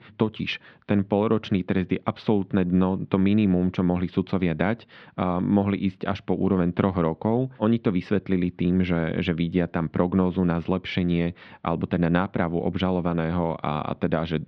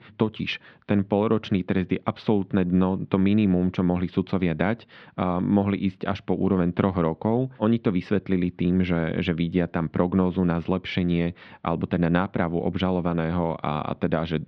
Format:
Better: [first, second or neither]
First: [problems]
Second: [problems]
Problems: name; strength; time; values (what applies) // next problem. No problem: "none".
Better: neither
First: muffled; slightly; fading above 3.5 kHz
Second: muffled; slightly; fading above 3.5 kHz